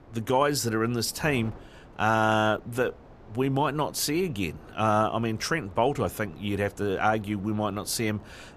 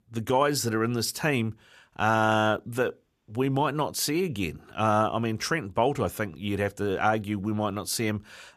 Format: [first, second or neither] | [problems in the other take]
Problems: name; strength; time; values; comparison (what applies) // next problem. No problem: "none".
second | wind noise on the microphone; occasional gusts; 25 dB below the speech